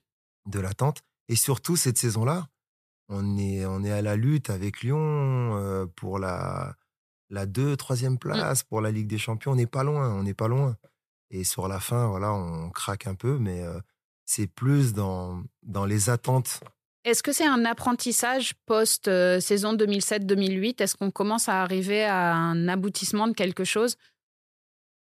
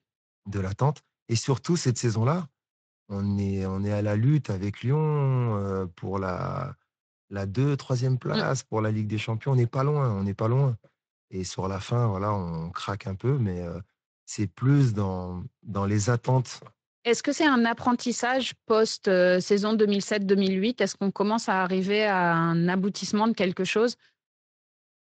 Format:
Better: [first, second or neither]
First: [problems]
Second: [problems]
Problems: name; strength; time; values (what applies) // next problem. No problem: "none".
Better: first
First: none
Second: garbled, watery; slightly; nothing above 7.5 kHz